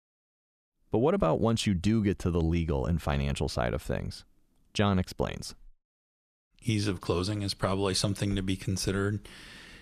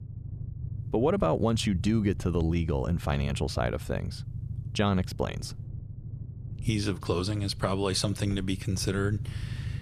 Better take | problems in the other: first | low rumble; noticeable; throughout; 20 dB below the speech

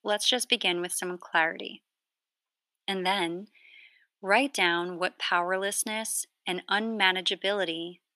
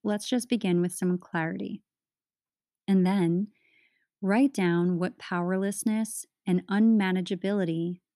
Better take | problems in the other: second | thin; very; fading below 700 Hz

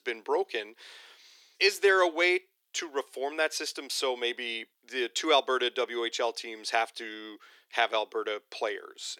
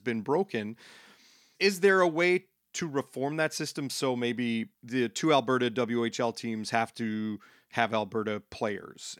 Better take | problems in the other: second | thin; very; fading below 350 Hz

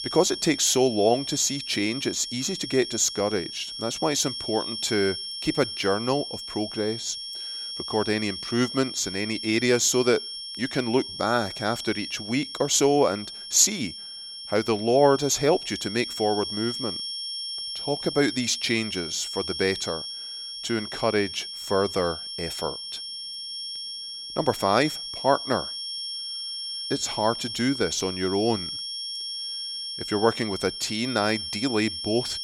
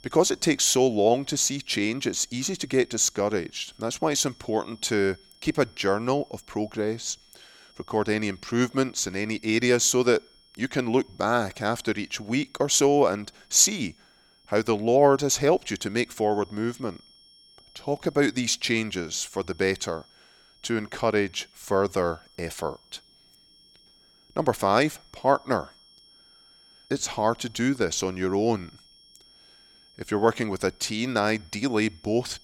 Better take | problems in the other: second | high-pitched whine; loud; throughout; 5.5 kHz, 7 dB below the speech; faint in the second

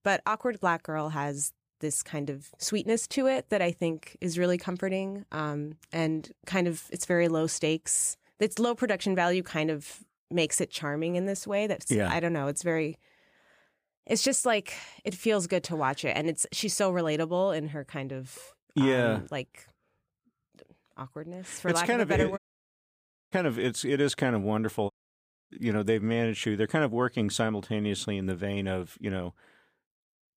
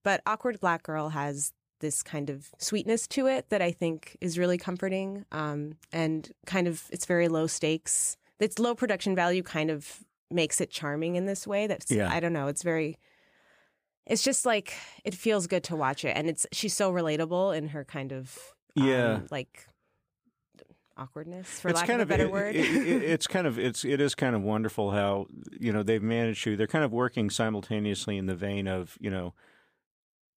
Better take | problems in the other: second | audio cutting out; at 22 s for 1 s and at 25 s for 0.5 s

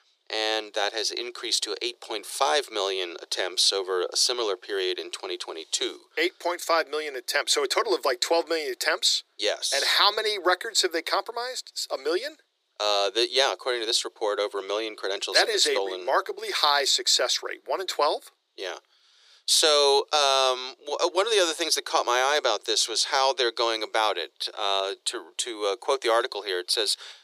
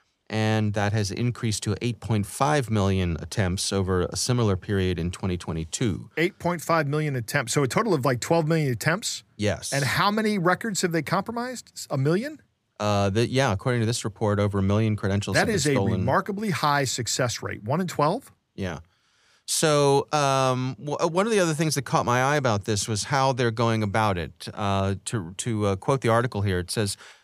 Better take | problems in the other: second | thin; very; fading below 350 Hz

